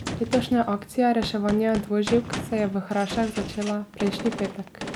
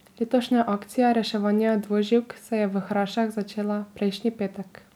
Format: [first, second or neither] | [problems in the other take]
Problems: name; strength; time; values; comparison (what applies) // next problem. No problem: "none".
second | background sound (Gunshot, gunfire); 9 dB below the speech